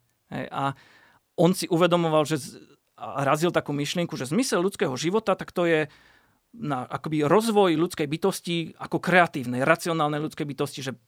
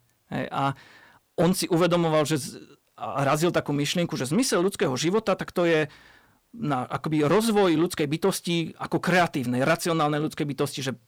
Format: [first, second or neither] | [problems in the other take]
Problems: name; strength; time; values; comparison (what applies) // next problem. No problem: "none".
first | distortion; slight; 10 dB below the speech